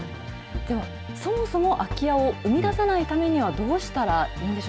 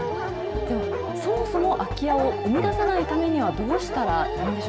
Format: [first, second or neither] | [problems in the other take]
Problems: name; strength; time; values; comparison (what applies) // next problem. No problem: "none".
first | background sound (Dog); 4 dB below the speech